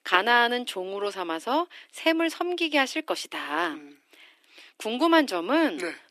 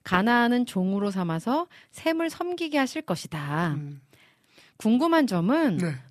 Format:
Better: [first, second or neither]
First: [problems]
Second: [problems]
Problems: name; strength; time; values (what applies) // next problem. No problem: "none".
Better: second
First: thin; somewhat; fading below 300 Hz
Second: none